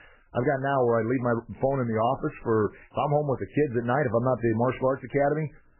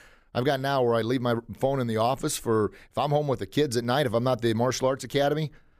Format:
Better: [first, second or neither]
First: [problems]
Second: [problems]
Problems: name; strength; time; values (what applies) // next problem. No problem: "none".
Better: second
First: garbled, watery; badly; nothing above 2.5 kHz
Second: none